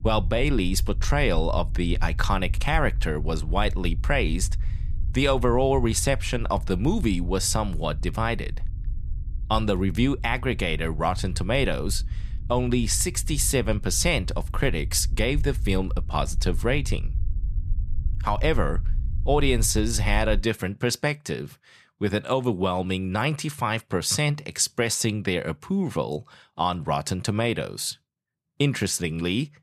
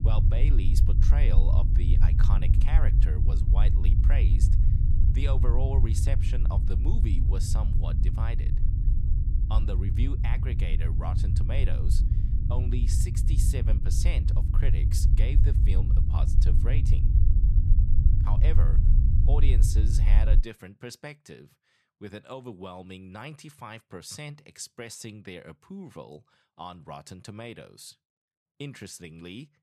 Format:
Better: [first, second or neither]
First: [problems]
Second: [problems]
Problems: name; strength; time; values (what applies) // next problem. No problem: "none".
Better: first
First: low rumble; faint; until 20 s; 25 dB below the speech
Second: low rumble; loud; until 20 s; 2 dB below the speech